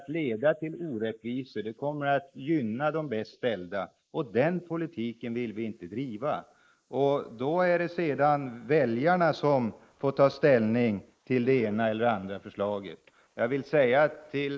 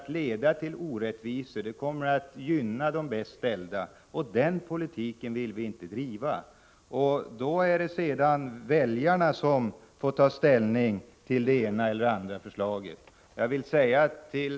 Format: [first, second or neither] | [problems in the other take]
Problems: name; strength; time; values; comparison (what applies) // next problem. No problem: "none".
second | noise reduction (neural mask model Resemble Enhance denoiser)